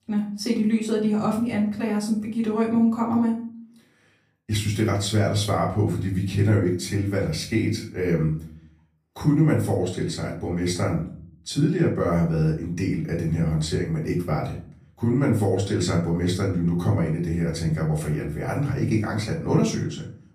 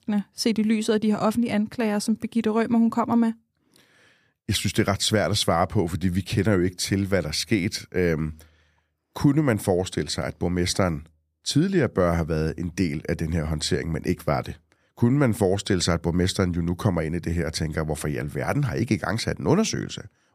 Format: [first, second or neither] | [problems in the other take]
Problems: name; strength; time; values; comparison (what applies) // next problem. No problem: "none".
second | off-mic speech; far // room echo; slight; dies away in 0.4 s